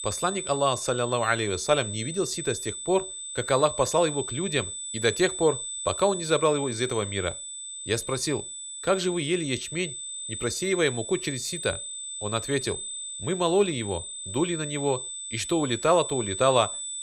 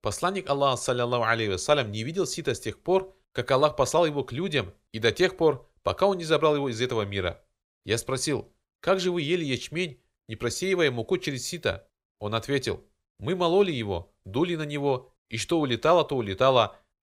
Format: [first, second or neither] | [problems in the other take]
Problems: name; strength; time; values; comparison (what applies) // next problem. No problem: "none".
second | high-pitched whine; loud; throughout; 8 kHz, 6 dB below the speech